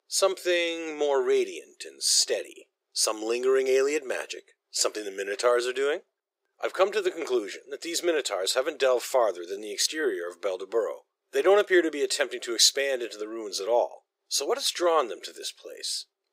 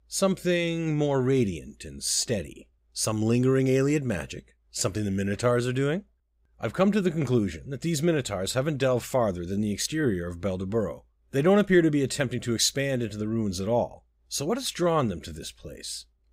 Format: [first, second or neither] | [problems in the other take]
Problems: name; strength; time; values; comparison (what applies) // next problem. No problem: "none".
second | thin; very; fading below 400 Hz